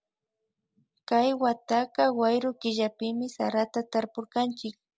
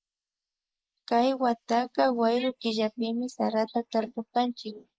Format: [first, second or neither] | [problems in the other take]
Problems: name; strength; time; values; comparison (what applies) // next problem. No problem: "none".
first | noise reduction (neural mask model Resemble Enhance denoiser)